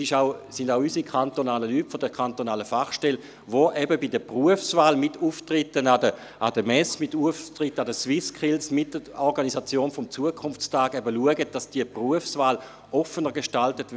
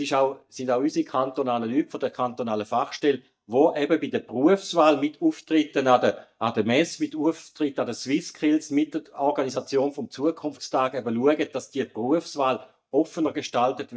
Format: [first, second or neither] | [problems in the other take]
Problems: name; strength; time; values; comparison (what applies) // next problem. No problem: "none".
first | noise reduction (neural mask model DeepFilterNet 3)